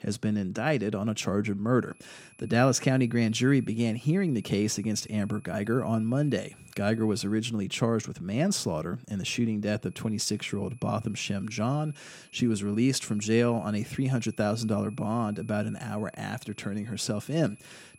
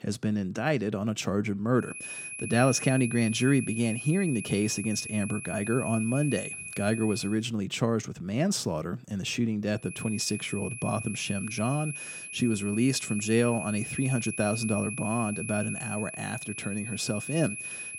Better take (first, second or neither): first